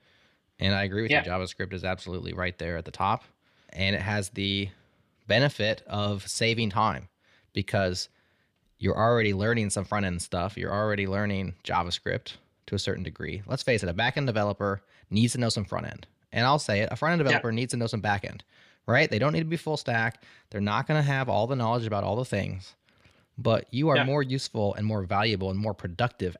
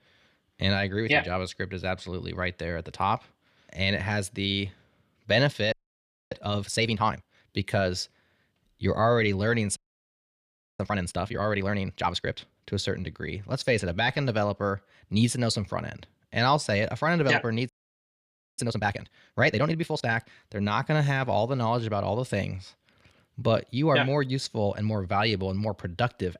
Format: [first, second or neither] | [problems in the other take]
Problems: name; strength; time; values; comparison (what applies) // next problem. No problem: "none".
first | audio freezing; at 5.5 s for 0.5 s, at 10 s for 1 s and at 18 s for 1 s